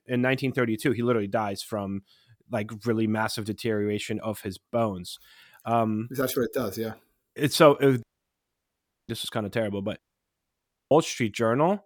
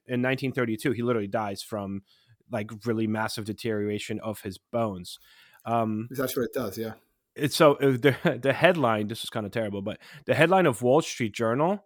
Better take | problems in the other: second | audio cutting out; at 8 s for 1 s and at 10 s for 1 s

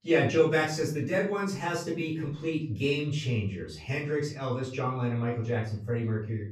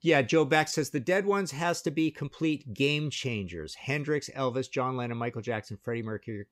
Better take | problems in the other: second | off-mic speech; far // room echo; slight; dies away in 0.5 s

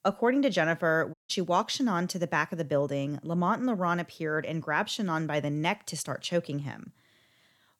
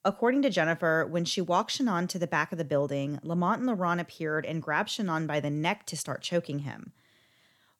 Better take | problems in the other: second | audio cutting out; at 1 s

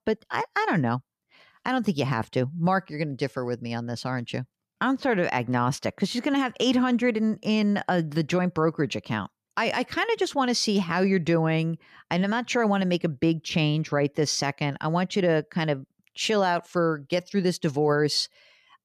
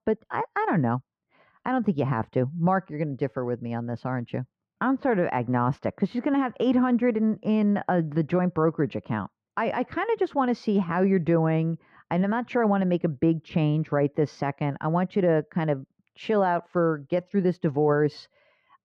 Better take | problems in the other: first | muffled; very; fading above 3.5 kHz

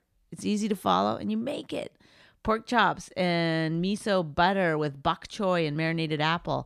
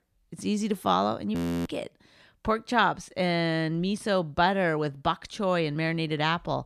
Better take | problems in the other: first | audio freezing; at 1.5 s

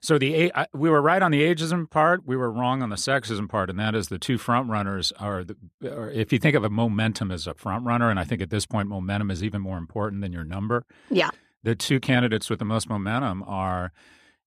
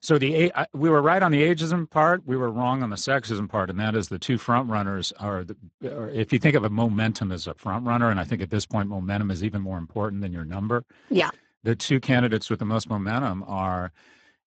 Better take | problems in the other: first | garbled, watery; badly; nothing above 7.5 kHz

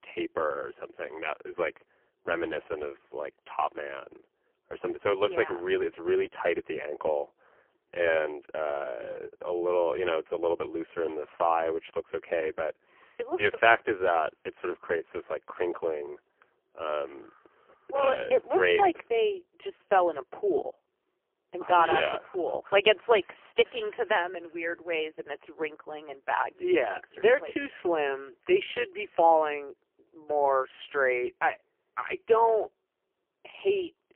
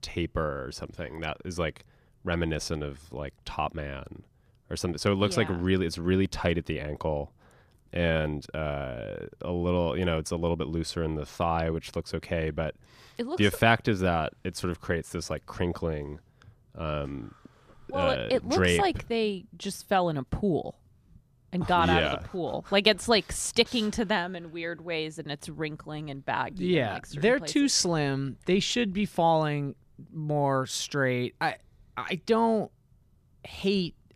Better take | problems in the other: second | phone-call audio; poor line; nothing above 3 kHz

